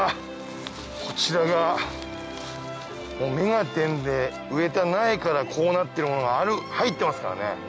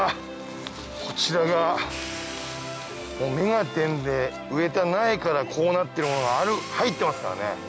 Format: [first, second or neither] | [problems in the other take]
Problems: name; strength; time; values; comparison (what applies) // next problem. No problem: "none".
first | background sound (Hi-hat); 18 dB below the speech